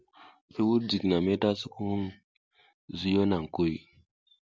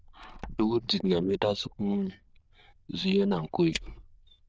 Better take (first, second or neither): first